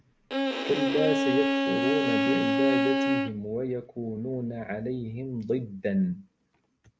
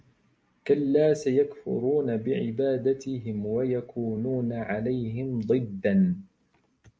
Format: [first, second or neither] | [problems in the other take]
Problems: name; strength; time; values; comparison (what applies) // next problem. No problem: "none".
second | background sound (Bowed string instrument); 4 dB above the speech